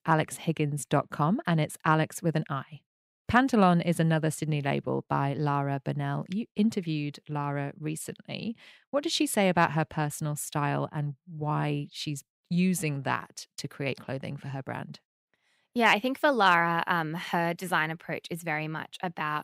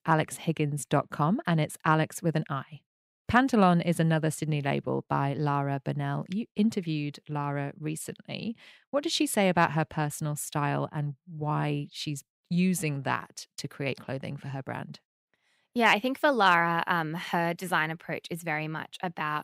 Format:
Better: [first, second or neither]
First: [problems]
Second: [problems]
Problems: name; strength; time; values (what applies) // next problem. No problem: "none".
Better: neither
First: none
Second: none